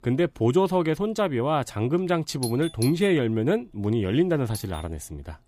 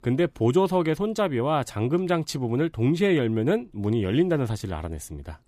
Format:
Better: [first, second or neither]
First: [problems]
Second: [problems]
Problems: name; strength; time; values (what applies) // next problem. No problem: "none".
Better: second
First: doorbell; faint; at 2.5 s and at 4.5 s; peak 10 dB below the speech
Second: none